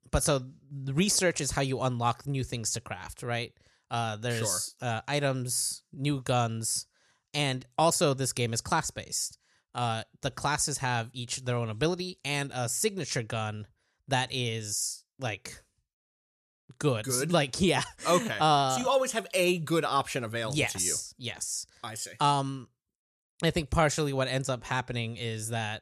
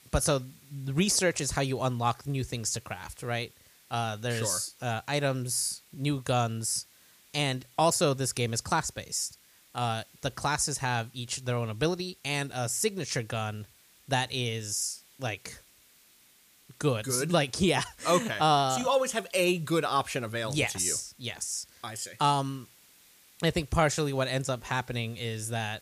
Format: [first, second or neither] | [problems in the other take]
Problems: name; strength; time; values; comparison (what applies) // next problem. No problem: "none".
first | hiss; faint; throughout; 25 dB below the speech